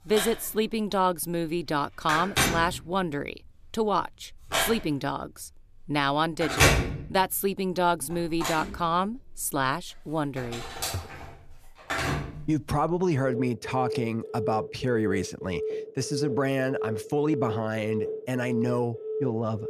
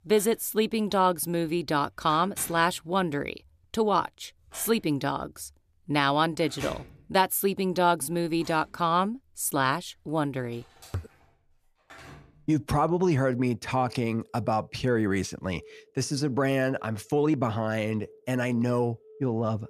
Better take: second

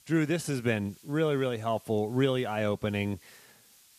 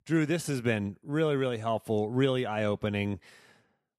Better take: second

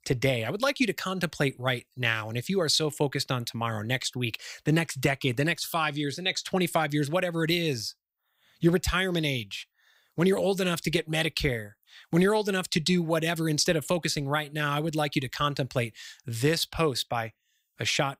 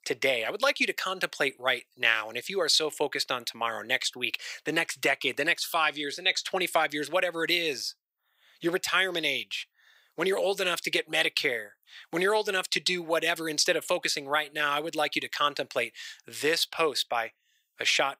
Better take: first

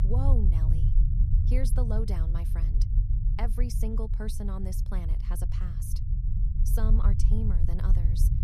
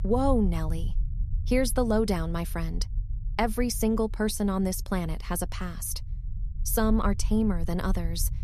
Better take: second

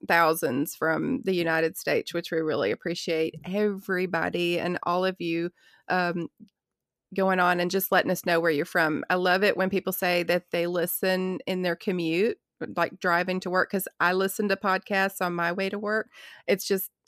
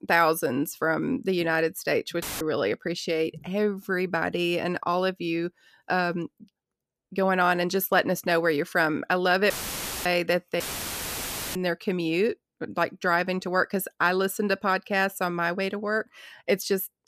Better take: first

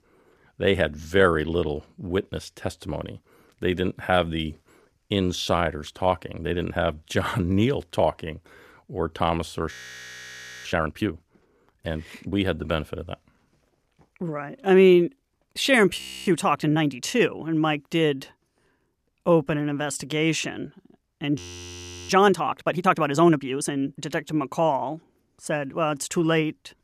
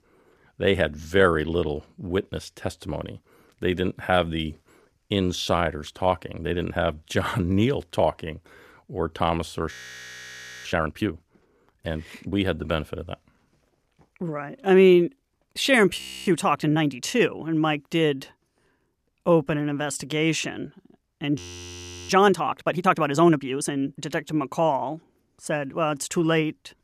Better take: neither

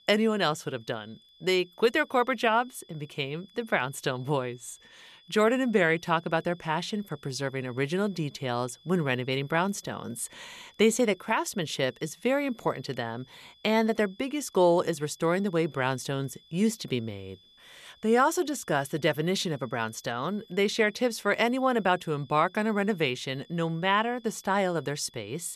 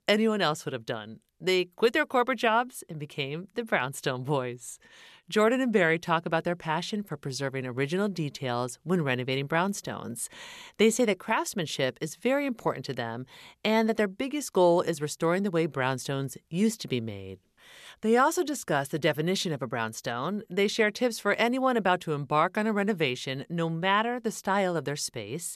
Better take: second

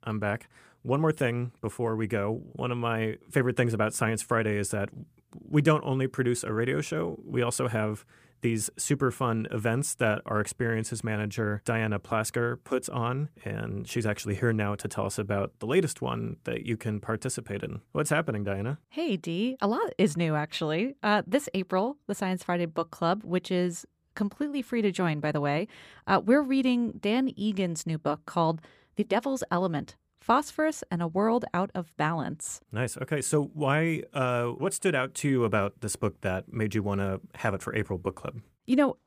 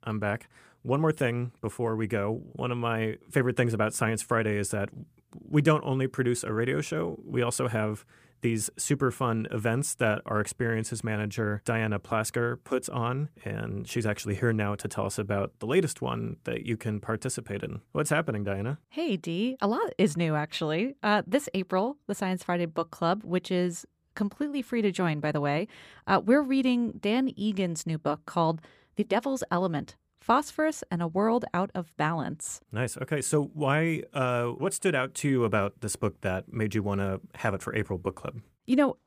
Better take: neither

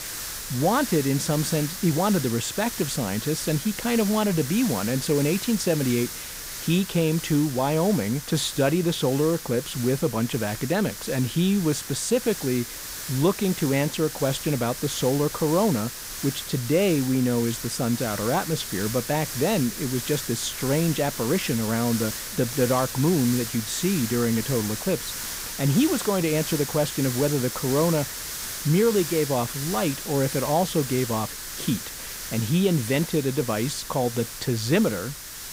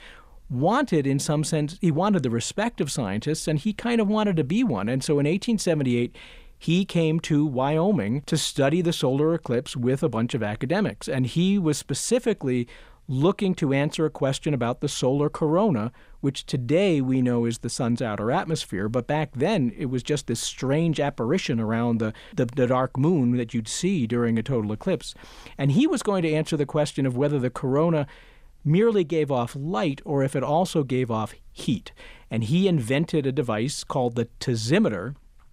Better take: second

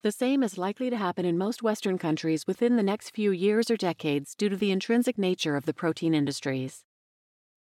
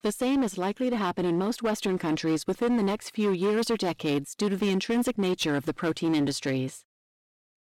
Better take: first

